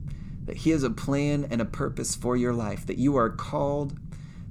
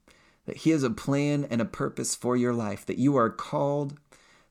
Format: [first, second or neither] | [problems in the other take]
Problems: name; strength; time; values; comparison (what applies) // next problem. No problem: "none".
second | low rumble; faint; throughout; 20 dB below the speech